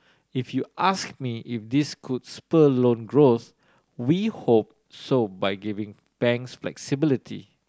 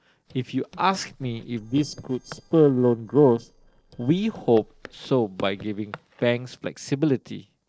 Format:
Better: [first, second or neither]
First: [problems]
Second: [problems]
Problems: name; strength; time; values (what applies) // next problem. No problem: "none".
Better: first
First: none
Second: noise reduction (neural separator model SepFormer DNS4)